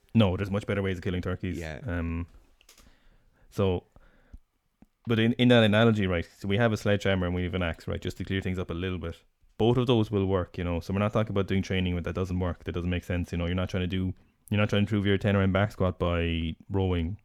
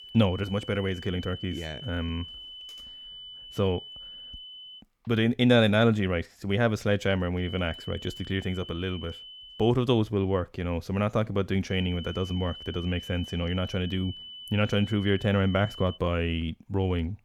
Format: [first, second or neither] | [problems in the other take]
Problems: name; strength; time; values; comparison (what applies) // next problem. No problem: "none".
first | high-pitched whine; noticeable; until 5 s, from 7.5 to 9.5 s and from 12 to 16 s; 3 kHz, 15 dB below the speech